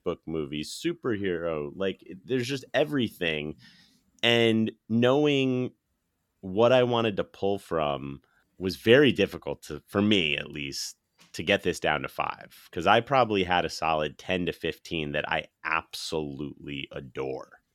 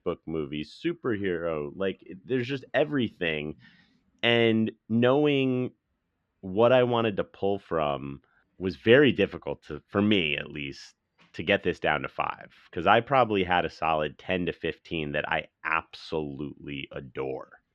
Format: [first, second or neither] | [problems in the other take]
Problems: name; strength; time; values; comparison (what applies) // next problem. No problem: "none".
first | muffled; slightly; fading above 2.5 kHz